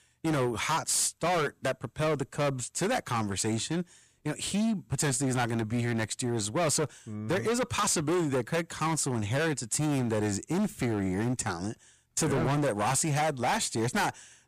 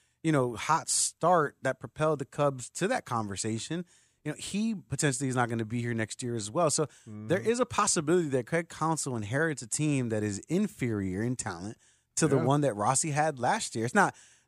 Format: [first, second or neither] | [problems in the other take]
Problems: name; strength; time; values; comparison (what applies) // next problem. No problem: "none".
second | distortion; heavy; 20% of the sound clipped